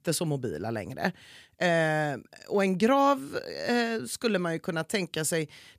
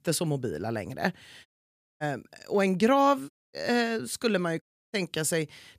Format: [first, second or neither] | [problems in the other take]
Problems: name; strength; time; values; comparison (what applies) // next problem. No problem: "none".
first | audio cutting out; at 1.5 s for 0.5 s, at 3.5 s and at 4.5 s